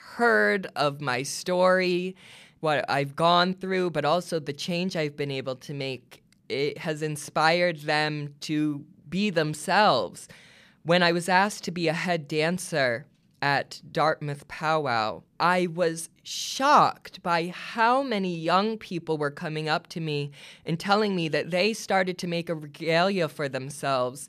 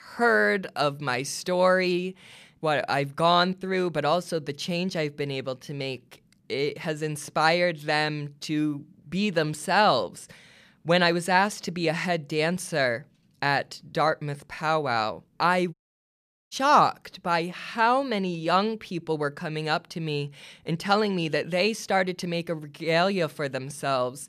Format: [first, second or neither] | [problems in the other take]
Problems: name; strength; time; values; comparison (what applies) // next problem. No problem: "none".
first | audio cutting out; at 16 s for 1 s